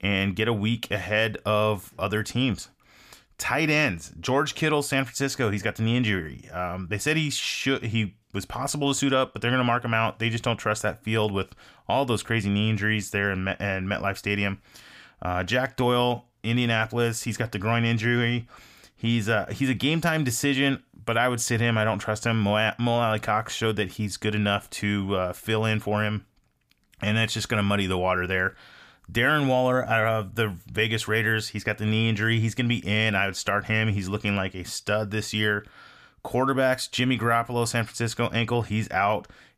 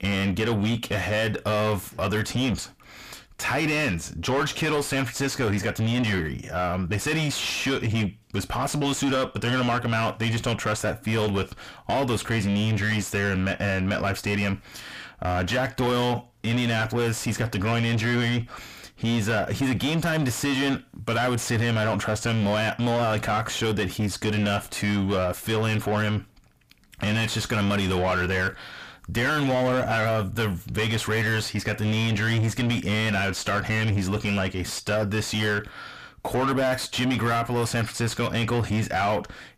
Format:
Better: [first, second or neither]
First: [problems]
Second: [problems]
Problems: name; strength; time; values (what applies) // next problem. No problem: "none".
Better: first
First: none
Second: distortion; heavy; 6 dB below the speech